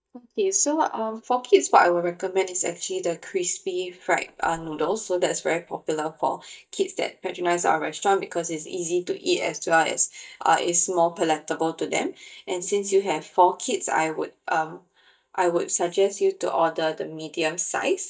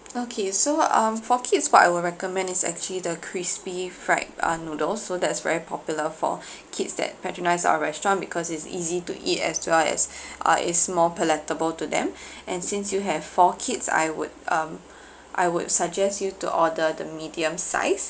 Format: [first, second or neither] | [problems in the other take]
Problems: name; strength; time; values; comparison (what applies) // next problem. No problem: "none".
second | noise reduction (neural mask model DeepFilterNet 3)